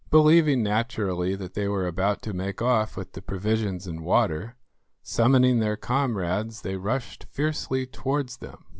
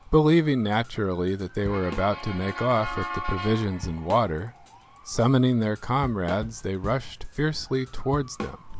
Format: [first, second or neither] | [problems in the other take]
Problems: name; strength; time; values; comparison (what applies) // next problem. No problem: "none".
first | background sound (Drum / Drum kit + Motor vehicle (road) / Siren); 13 dB below the speech